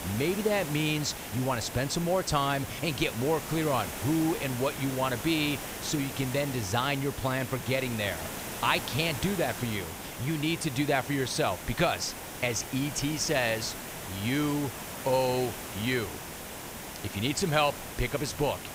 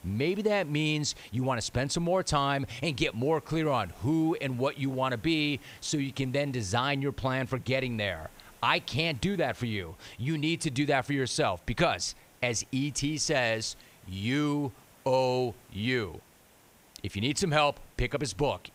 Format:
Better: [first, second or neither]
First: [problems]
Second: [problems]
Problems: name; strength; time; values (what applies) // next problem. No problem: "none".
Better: second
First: hiss; loud; throughout; 8 dB below the speech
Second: hiss; faint; throughout; 25 dB below the speech